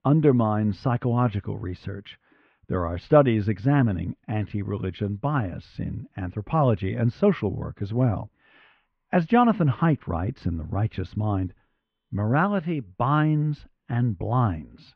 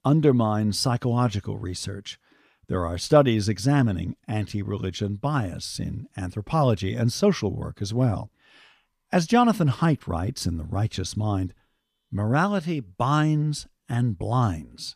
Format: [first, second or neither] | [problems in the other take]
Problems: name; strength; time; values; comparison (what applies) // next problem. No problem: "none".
second | muffled; very; fading above 2.5 kHz